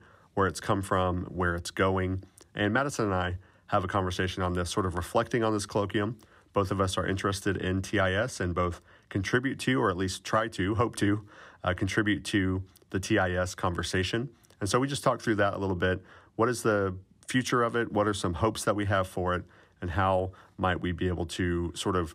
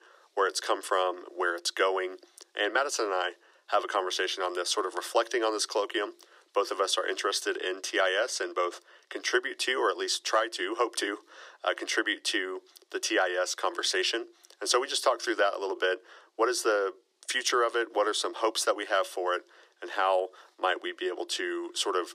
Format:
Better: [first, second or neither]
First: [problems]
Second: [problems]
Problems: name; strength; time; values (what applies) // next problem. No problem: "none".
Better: first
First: none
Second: thin; very; fading below 350 Hz